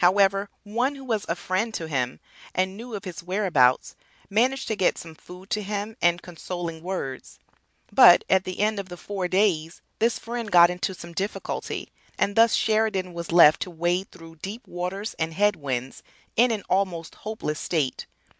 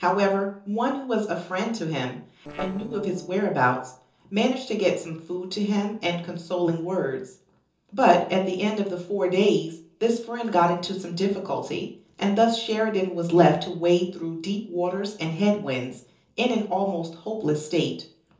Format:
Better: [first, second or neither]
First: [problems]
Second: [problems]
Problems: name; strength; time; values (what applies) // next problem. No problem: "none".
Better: first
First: none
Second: noise reduction (neural separator model SepFormer DNS4)